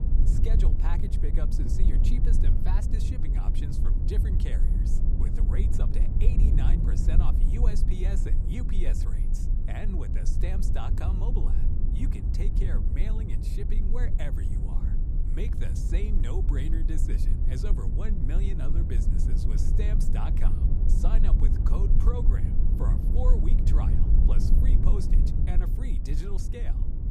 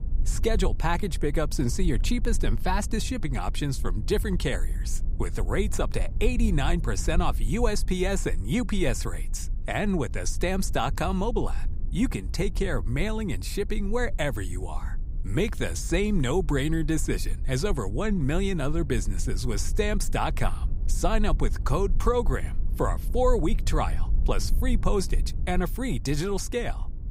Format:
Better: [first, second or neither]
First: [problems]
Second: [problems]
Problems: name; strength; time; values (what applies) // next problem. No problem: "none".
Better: second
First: low rumble; loud; throughout; 1 dB below the speech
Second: low rumble; faint; throughout; 20 dB below the speech